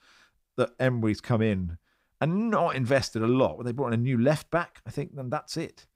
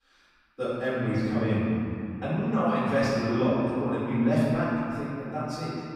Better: first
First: none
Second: off-mic speech; far // room echo; strong; dies away in 2.8 s

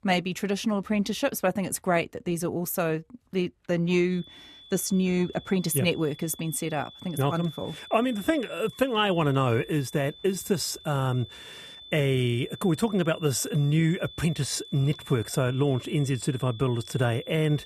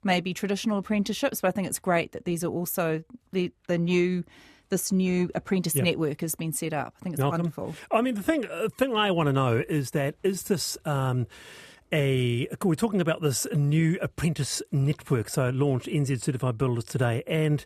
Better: second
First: high-pitched whine; noticeable; from 4 s on; 3.5 kHz, 20 dB below the speech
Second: none

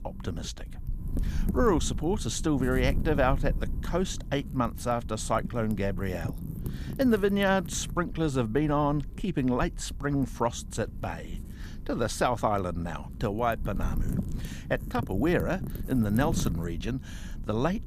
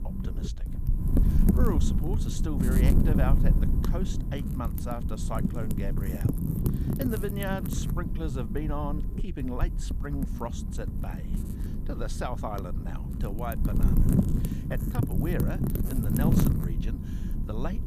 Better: first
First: wind noise on the microphone; occasional gusts; 15 dB below the speech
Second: wind noise on the microphone; heavy; 1 dB below the speech

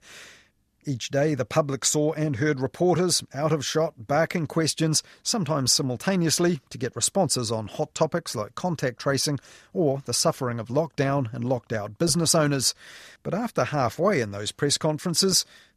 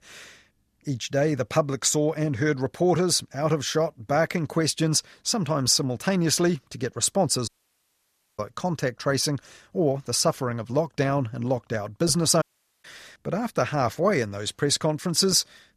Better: first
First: none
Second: audio cutting out; at 7.5 s for 1 s and at 12 s

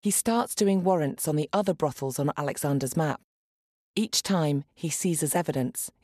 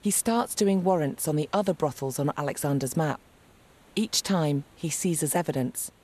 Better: first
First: none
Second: hiss; faint; throughout; 30 dB below the speech

